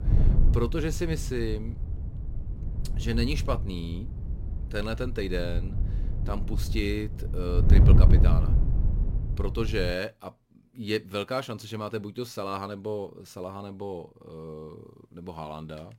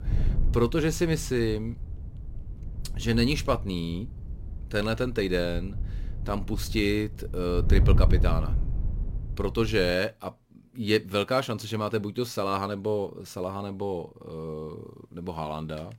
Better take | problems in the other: second | wind noise on the microphone; heavy; until 10 s; 8 dB below the speech; occasional gusts in the second

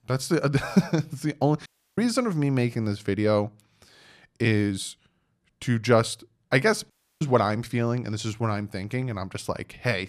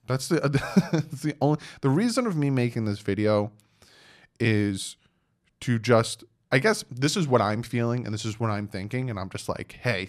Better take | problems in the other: second | audio cutting out; at 1.5 s and at 7 s

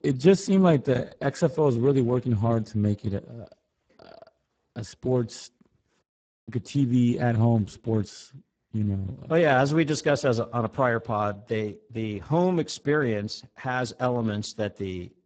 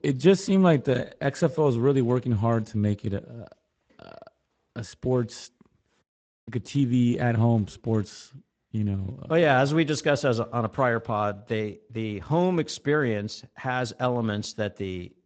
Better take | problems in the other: second | garbled, watery; badly; nothing above 8 kHz; slightly in the second

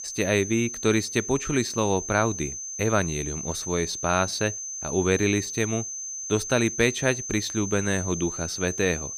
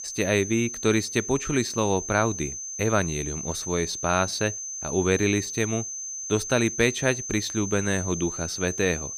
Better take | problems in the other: neither | high-pitched whine; loud; throughout; 6 kHz, 6 dB below the speech; the same in both

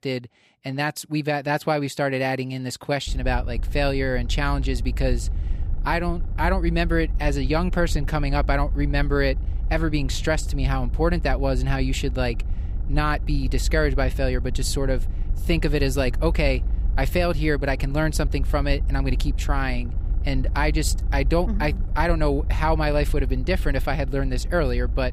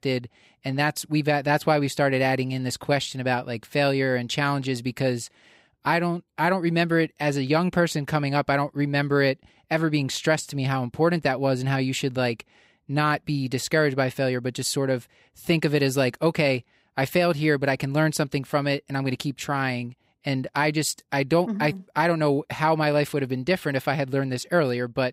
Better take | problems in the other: second | low rumble; faint; from 3 s on; 20 dB below the speech

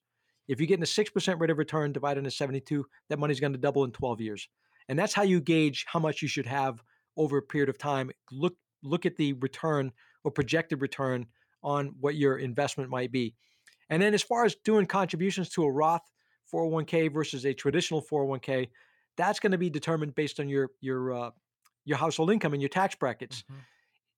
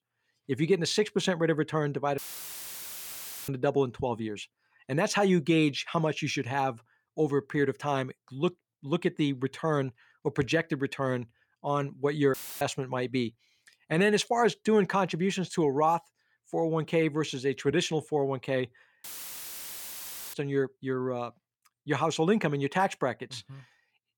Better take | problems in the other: first | audio cutting out; filled with static; at 2 s for 1.5 s, at 12 s and at 19 s for 1.5 s

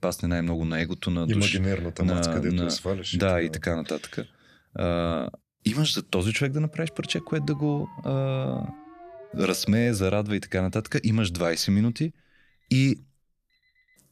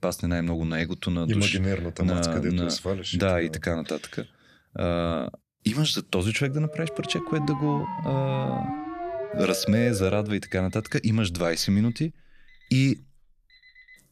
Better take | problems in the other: first | alarms or sirens; loud; from 7 s on; 7 dB below the speech; faint in the first

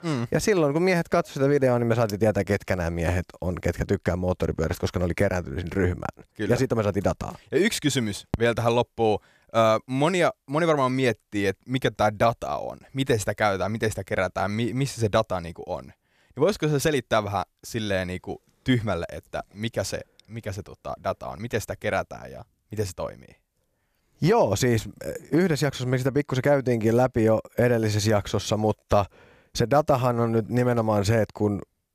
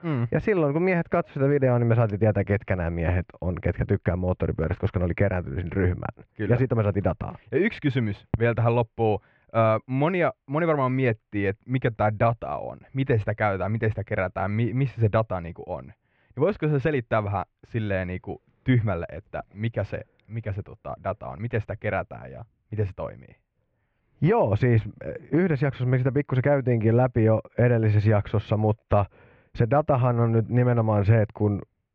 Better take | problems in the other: first | muffled; very; fading above 2.5 kHz

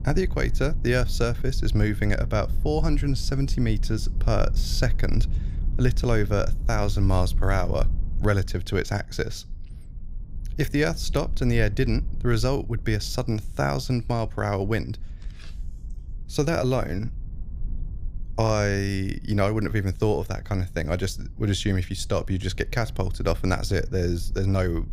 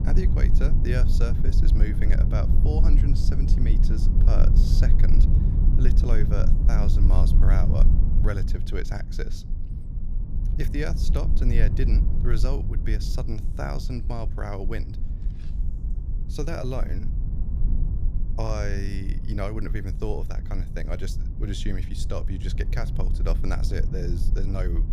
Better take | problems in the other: first | low rumble; loud; throughout; 5 dB below the speech; faint in the first

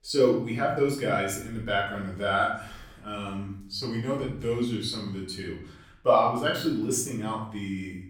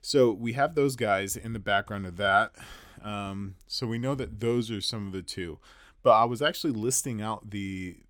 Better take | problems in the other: second | room echo; noticeable; dies away in 0.6 s // off-mic speech; far

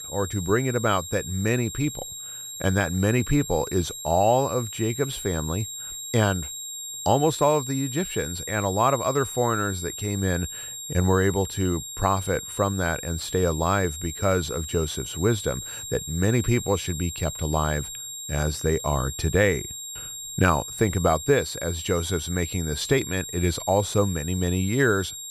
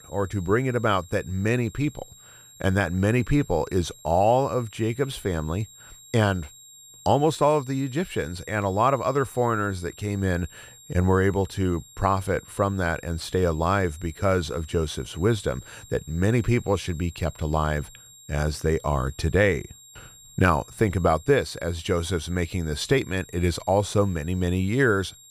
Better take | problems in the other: second | high-pitched whine; loud; throughout; 7.5 kHz, 8 dB below the speech; faint in the second

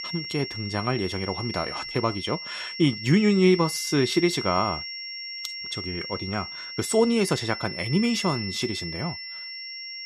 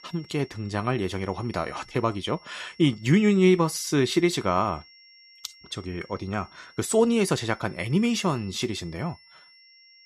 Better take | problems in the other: second | high-pitched whine; loud; throughout; 5.5 kHz, 7 dB below the speech; faint in the second

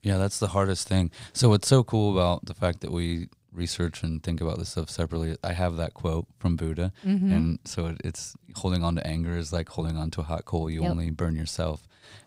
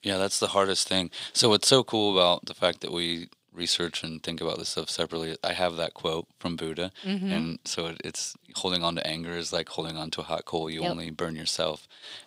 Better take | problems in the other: first | thin; somewhat; fading below 300 Hz

